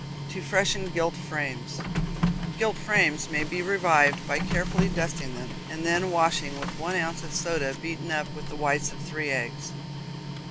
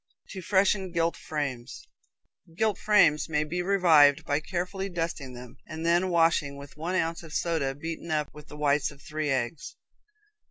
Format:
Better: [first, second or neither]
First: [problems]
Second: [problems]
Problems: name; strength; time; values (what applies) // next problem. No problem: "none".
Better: second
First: background sound (Printer); 5 dB below the speech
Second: none